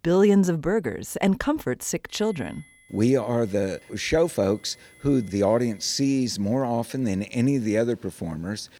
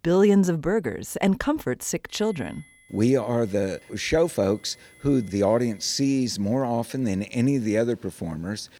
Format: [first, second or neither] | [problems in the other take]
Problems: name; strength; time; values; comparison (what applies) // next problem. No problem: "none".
neither | high-pitched whine; faint; from 2 to 6 s; 2 kHz, 30 dB below the speech; the same in both